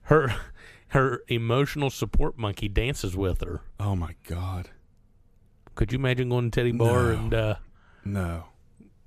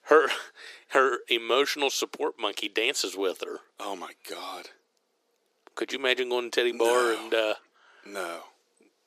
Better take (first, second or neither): first